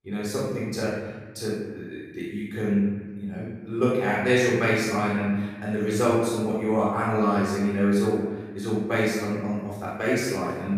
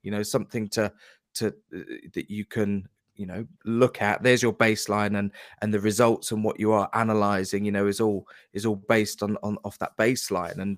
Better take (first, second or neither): second